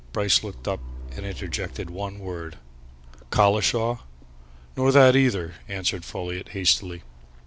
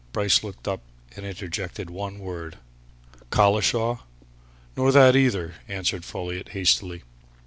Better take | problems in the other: second | background sound (Truck); 15 dB below the speech

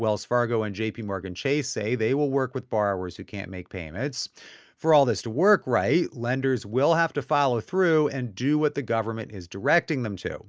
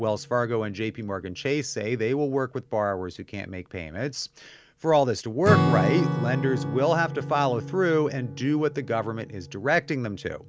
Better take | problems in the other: first | background sound (Acoustic guitar / Strum); 5 dB below the speech

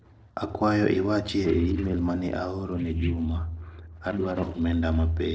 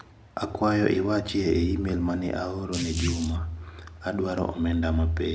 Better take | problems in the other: second | noise reduction (neural separator model SepFormer DNS4)

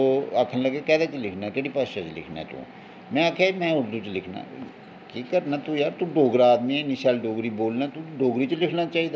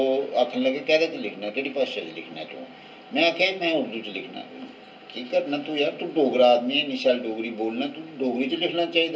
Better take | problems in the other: first | room echo; dies away in 0.2 s

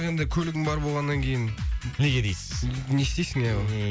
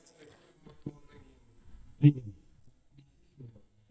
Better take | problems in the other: first | noise reduction (neural mask model DeepFilterNet 3)

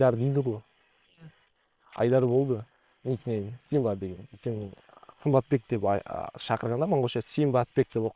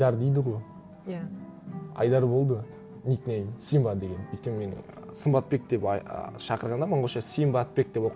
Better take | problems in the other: second | noise reduction (neural separator model SepFormer WHAM!)

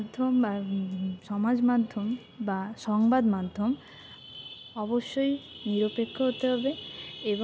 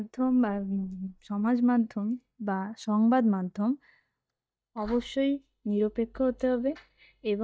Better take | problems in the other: first | noise reduction (neural mask model DeepFilterNet 3)

